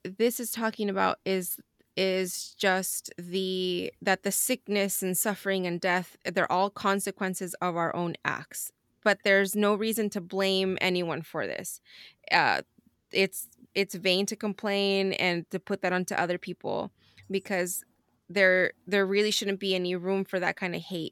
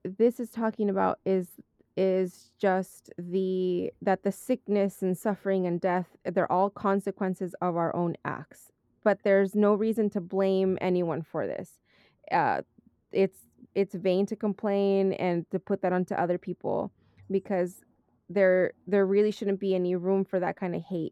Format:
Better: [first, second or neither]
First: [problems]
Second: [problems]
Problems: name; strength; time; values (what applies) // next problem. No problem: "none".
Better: first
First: none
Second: muffled; very; fading above 1.5 kHz